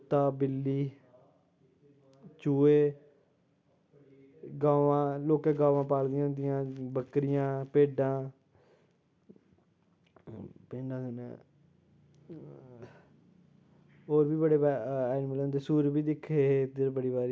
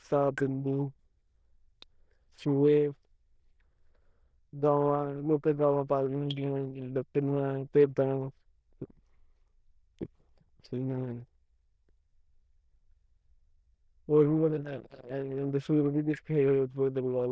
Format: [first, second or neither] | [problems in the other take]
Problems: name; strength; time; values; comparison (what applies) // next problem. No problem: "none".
first | noise reduction (neural diffusion model UNIVERSE++)